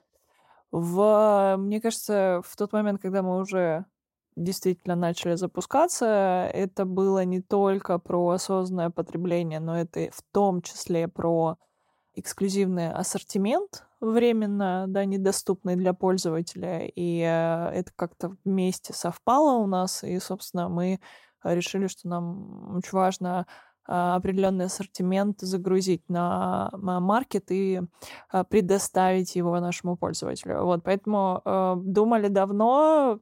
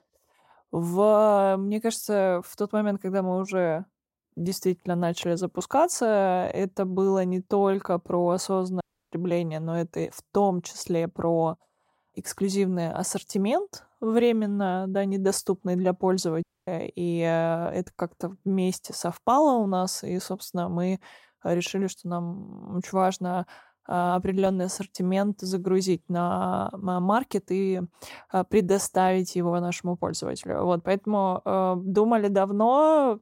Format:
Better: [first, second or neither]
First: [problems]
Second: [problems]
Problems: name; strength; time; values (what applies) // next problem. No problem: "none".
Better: first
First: none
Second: audio cutting out; at 9 s and at 16 s